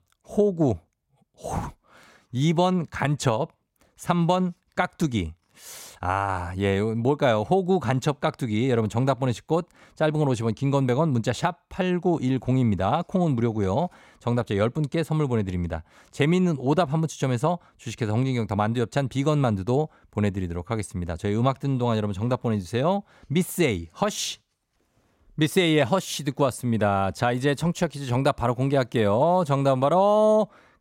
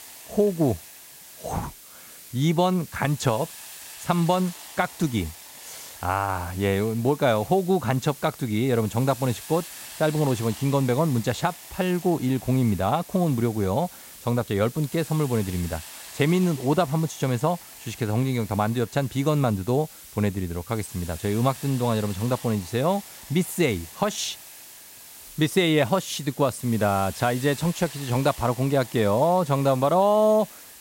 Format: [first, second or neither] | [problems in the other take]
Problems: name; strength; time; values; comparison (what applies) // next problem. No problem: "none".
first | hiss; noticeable; throughout; 15 dB below the speech